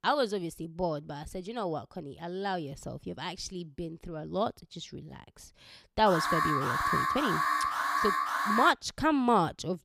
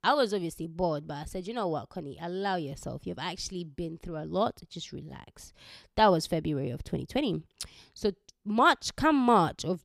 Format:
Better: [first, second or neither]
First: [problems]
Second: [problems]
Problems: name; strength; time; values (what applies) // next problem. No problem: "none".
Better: second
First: alarm; loud; from 6 to 8.5 s; peak 3 dB above the speech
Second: none